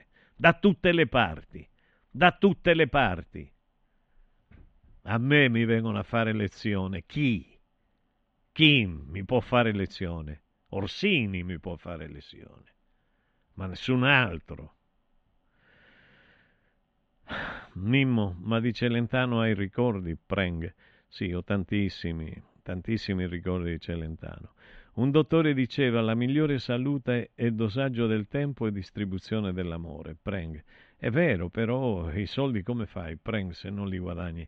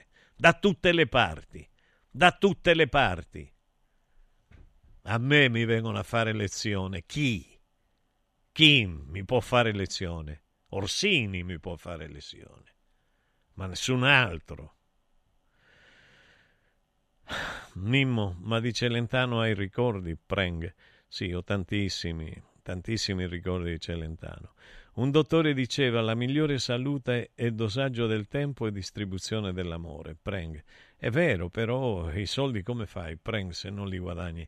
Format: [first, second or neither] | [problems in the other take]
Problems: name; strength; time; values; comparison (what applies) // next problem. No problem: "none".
second | muffled; slightly; fading above 3 kHz